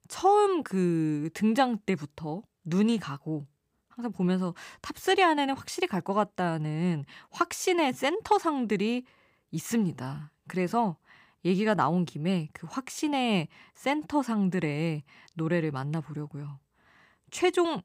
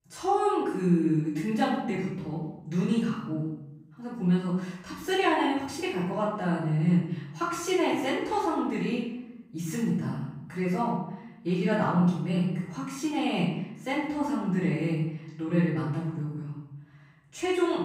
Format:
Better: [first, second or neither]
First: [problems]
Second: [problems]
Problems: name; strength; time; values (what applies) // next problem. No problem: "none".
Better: first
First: none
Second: off-mic speech; far // room echo; noticeable; dies away in 0.8 s